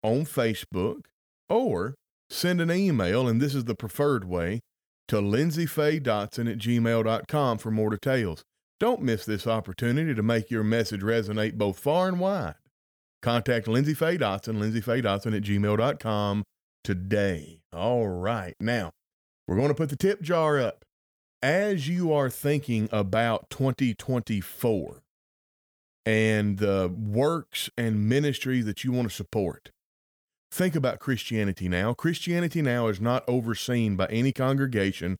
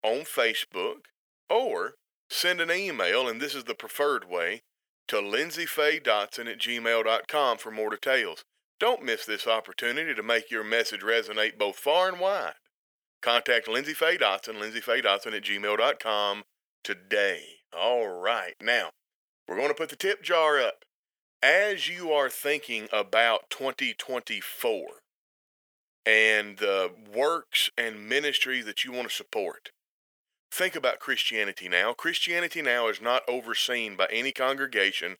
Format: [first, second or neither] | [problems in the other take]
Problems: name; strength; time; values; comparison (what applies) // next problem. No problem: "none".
first | thin; very; fading below 450 Hz